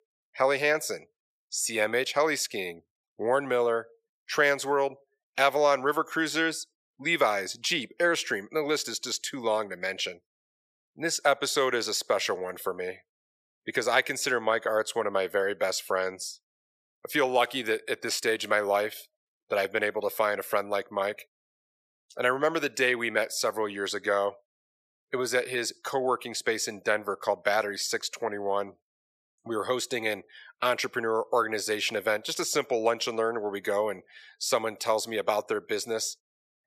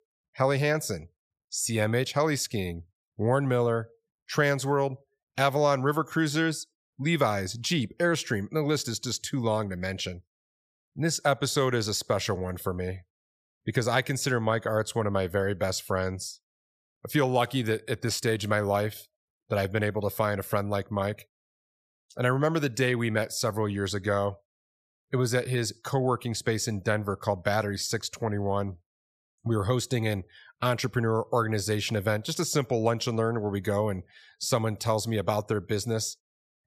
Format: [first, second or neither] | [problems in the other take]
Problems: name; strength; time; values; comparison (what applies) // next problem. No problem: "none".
second | thin; somewhat; fading below 450 Hz